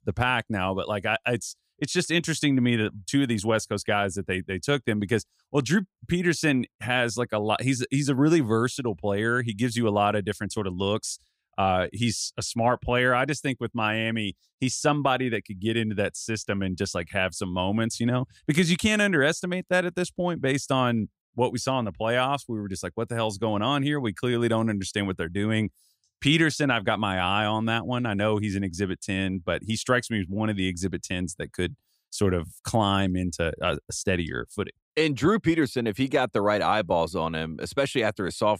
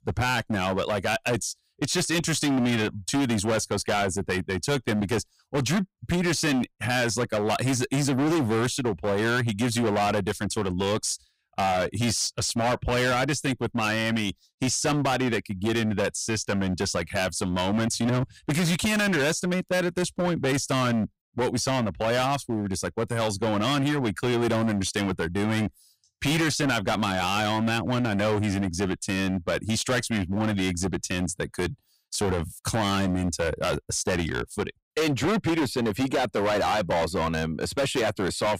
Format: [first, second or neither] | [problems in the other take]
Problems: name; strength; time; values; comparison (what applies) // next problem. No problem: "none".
first | distortion; heavy; 21% of the sound clipped